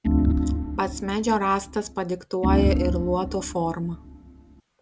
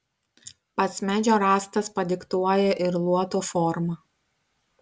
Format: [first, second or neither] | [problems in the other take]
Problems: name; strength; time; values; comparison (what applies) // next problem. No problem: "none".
second | background sound (Organ); 1 dB above the speech